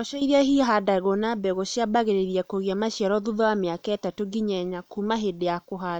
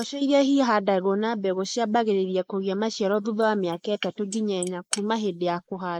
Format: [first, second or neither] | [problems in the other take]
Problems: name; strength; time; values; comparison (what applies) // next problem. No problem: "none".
first | noise reduction (neural mask model Resemble Enhance denoiser)